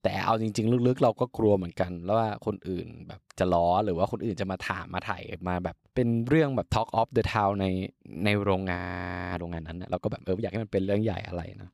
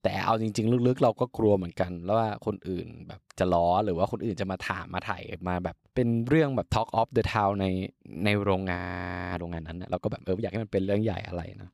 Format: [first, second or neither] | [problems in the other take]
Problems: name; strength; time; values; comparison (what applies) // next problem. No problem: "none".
neither | audio freezing; at 9 s for 0.5 s; the same in both